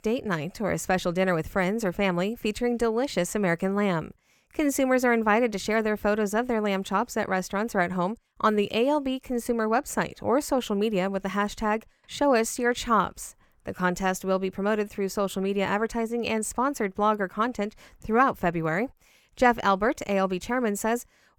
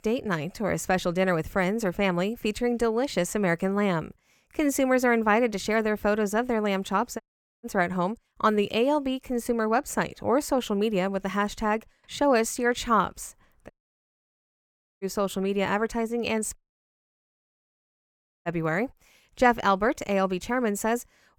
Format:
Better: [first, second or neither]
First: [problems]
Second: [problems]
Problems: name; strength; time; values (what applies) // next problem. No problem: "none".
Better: first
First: none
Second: audio cutting out; at 7 s, at 14 s for 1.5 s and at 17 s for 2 s